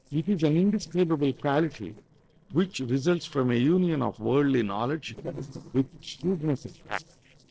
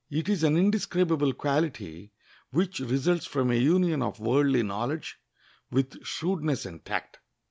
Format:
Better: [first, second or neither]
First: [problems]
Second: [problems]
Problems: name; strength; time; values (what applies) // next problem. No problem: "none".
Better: second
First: noise reduction (neural separator model SepFormer DNS4)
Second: none